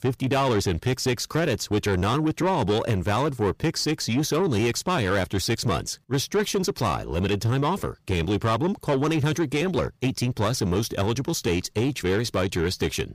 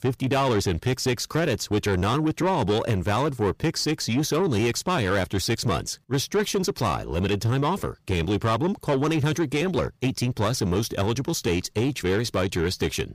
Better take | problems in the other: neither | distortion; slight; 10 dB below the speech; the same in both

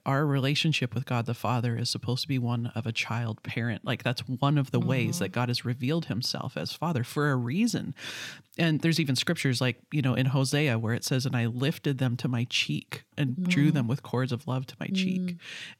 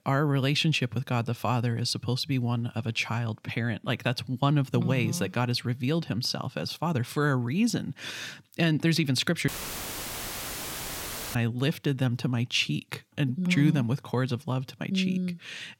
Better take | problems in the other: first | audio cutting out; filled with static; at 9.5 s for 2 s

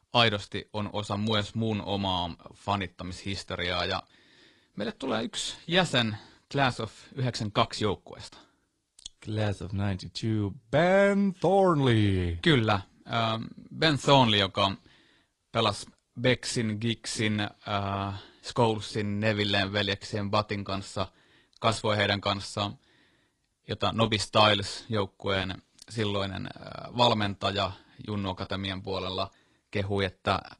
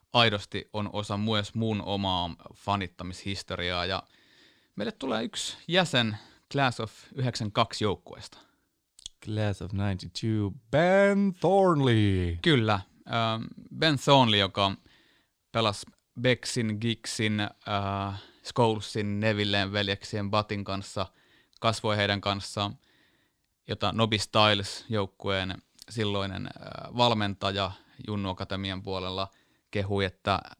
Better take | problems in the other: second | garbled, watery; slightly

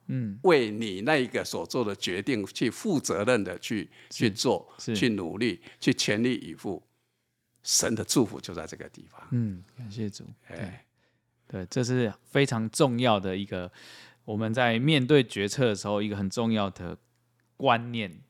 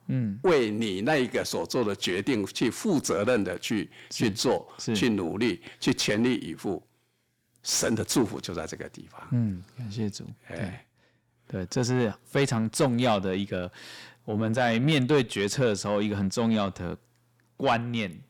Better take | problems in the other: first | distortion; slight; 10 dB below the speech

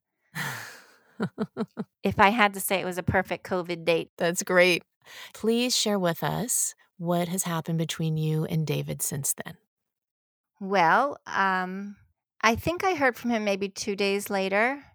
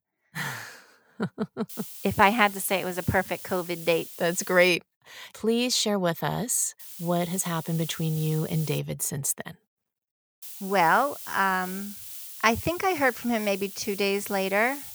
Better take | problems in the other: first | hiss; noticeable; from 1.5 to 4.5 s, from 7 to 9 s and from 10 s on; 10 dB below the speech

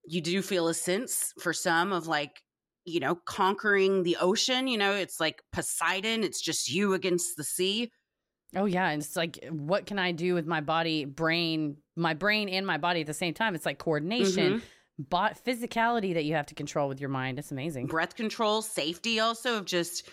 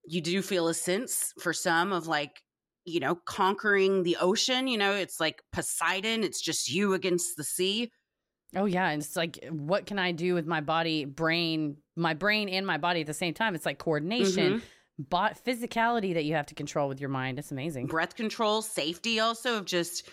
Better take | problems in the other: neither | none

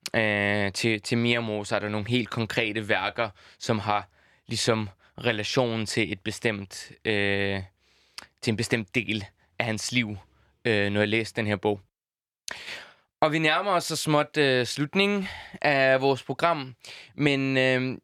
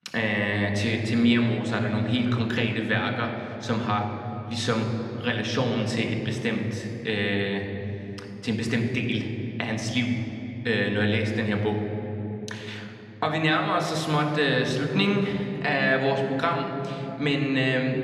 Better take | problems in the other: first | room echo; noticeable; dies away in 3 s

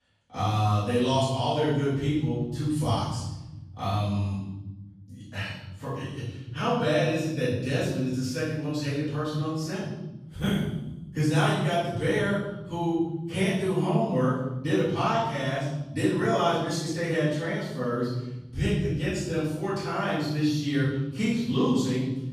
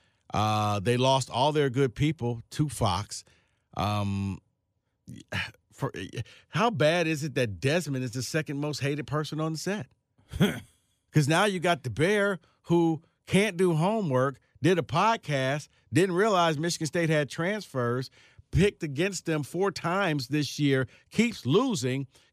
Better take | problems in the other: second | off-mic speech; far // room echo; strong; dies away in 1.2 s

